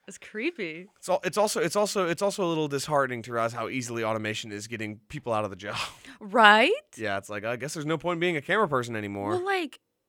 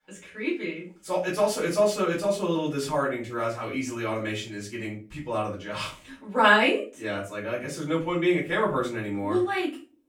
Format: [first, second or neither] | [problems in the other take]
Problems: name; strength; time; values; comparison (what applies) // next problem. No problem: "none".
first | off-mic speech; far // room echo; slight; dies away in 0.3 s